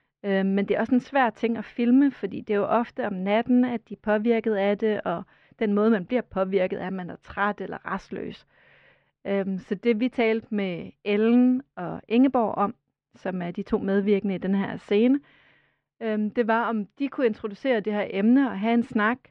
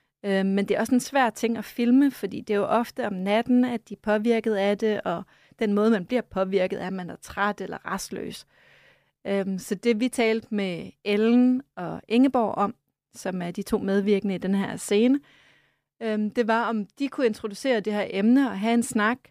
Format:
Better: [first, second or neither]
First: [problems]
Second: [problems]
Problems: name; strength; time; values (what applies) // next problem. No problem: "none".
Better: second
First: muffled; slightly; fading above 3 kHz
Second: none